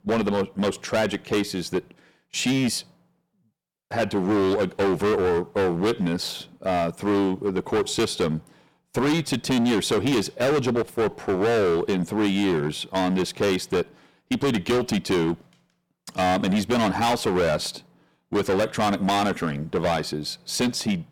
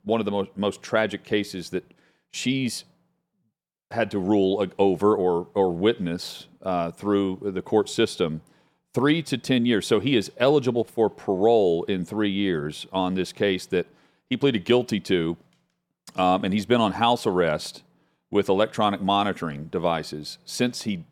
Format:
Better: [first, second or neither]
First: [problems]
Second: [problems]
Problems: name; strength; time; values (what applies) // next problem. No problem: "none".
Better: second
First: distortion; heavy; 18% of the sound clipped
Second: none